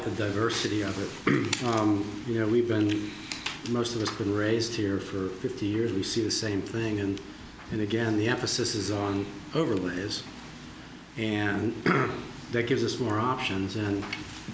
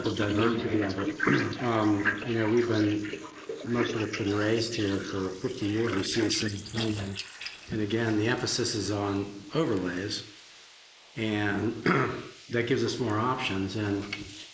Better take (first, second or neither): first